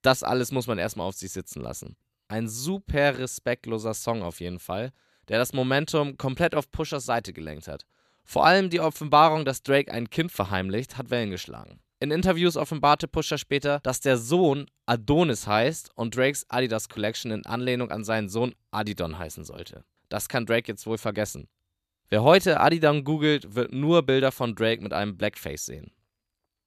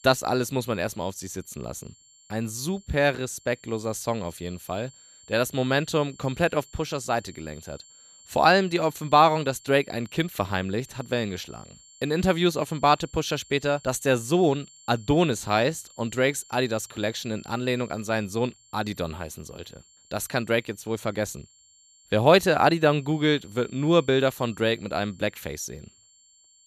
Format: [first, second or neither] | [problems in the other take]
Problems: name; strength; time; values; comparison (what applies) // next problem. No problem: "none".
first | high-pitched whine; faint; throughout; 7.5 kHz, 25 dB below the speech